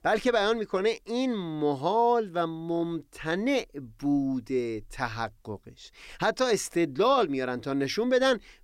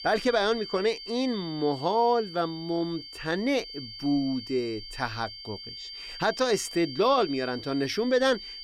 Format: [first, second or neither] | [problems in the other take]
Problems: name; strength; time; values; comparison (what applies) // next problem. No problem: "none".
first | high-pitched whine; noticeable; throughout; 4.5 kHz, 10 dB below the speech